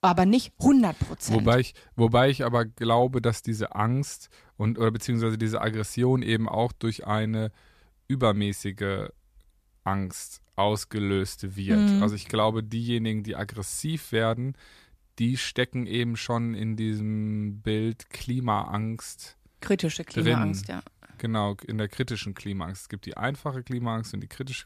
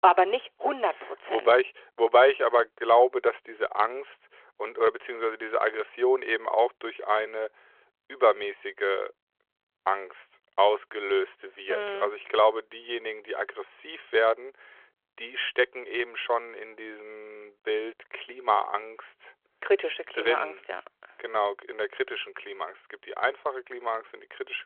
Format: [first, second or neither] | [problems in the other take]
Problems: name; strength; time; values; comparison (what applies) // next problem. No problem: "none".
first | phone-call audio